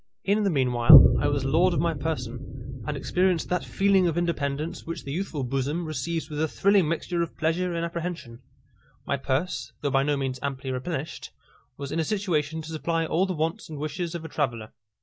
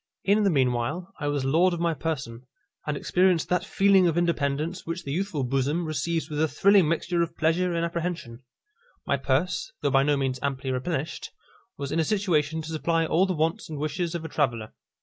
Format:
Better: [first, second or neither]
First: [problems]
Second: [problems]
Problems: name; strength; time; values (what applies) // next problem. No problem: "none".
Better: second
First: background sound (Boom); 3 dB below the speech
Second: none